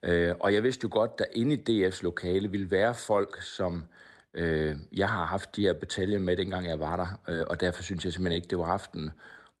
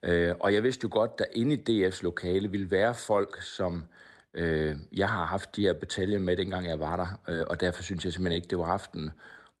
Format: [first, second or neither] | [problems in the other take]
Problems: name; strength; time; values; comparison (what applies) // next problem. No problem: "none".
neither | none